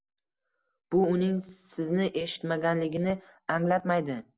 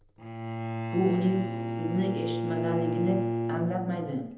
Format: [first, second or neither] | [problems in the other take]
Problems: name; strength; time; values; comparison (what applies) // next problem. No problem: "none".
first | background sound (Bowed string instrument); 2 dB below the speech // room echo; dies away in 0.9 s